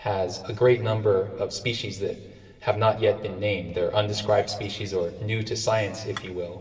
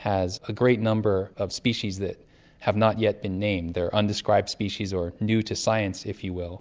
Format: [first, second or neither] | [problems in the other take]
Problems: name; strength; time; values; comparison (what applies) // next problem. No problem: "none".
second | background sound (Dishes, pots, and pans / Chink, clink); 15 dB below the speech // room echo; dies away in 1.9 s